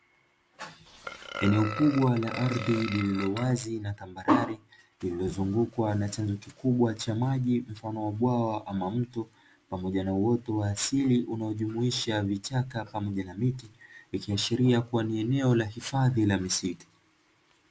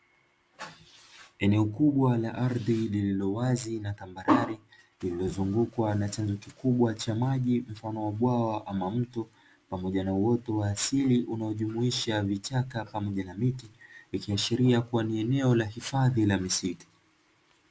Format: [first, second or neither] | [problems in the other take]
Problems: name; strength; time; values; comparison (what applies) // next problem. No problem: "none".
second | background sound (Burping, eructation); 9 dB below the speech